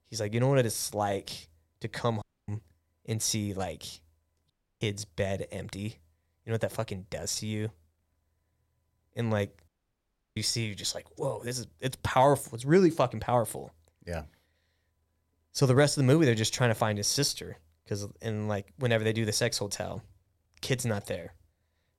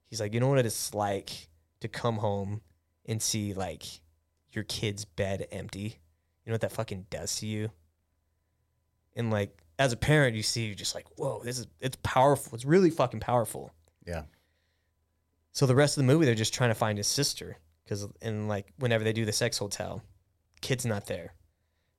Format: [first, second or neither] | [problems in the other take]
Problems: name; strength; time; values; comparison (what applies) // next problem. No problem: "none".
second | audio cutting out; at 2 s, at 4.5 s and at 9.5 s for 0.5 s